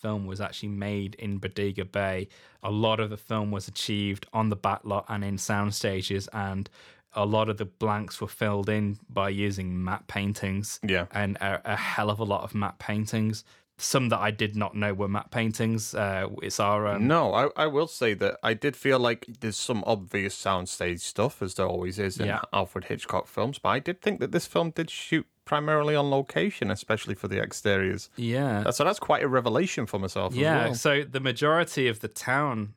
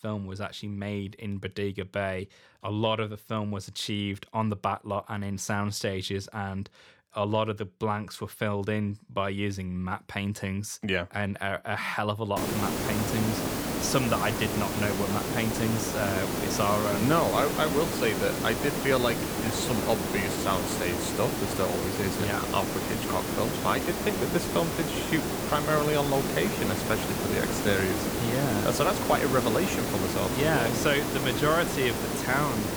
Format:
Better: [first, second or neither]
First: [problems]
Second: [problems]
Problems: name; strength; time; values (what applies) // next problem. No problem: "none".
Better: first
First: none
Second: hiss; loud; from 12 s on; as loud as the speech